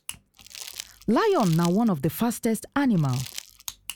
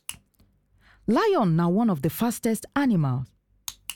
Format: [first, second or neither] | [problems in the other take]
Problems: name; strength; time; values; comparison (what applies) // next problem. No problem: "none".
second | background sound (Crumpling, crinkling); 17 dB below the speech